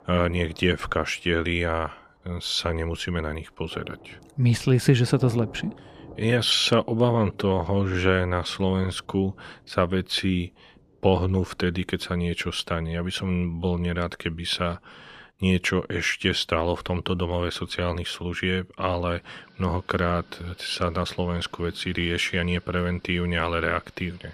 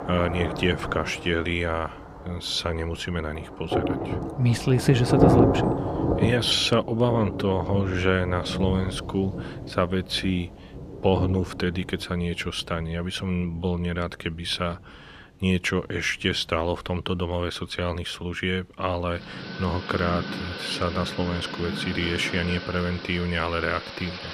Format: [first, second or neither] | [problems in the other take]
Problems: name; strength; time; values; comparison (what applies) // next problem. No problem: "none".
first | rain or running water; loud; throughout; 3 dB below the speech; faint in the first